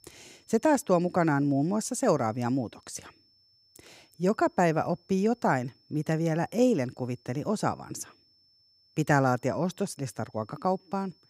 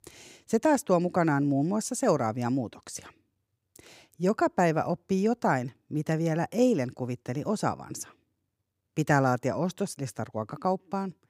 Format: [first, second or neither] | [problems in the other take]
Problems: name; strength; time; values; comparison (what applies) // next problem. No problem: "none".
second | high-pitched whine; faint; throughout; 5.5 kHz, 35 dB below the speech